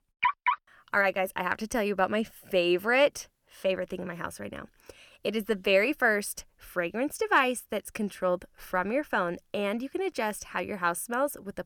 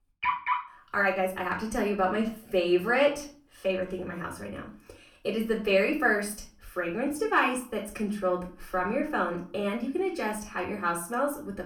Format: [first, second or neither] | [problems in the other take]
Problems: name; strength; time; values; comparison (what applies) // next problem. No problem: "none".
first | off-mic speech; somewhat distant // room echo; slight; dies away in 0.4 s